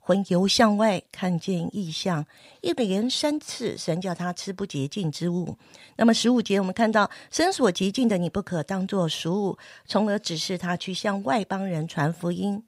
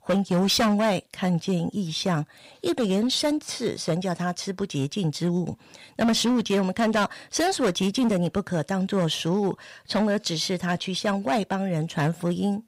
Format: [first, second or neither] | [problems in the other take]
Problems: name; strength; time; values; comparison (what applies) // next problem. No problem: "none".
first | distortion; slight; 9% of the sound clipped